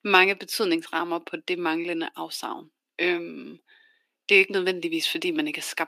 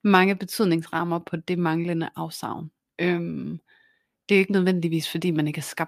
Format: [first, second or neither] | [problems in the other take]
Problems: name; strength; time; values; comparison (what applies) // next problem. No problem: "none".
second | thin; somewhat; fading below 300 Hz